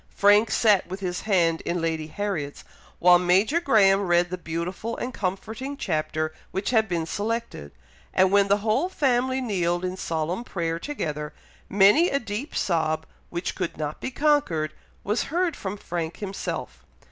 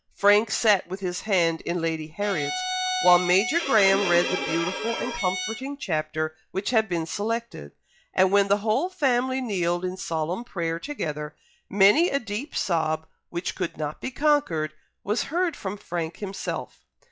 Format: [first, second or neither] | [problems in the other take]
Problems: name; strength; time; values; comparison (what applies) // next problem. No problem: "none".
first | noise reduction (classical method log-MMSE)